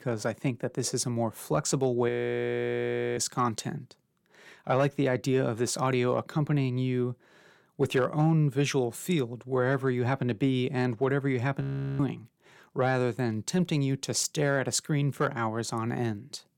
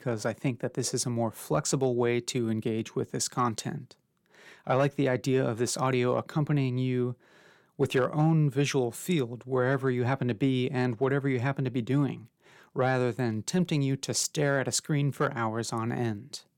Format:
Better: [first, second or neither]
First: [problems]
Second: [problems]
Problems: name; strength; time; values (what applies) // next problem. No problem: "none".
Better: second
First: audio freezing; at 2 s for 1 s and at 12 s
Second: none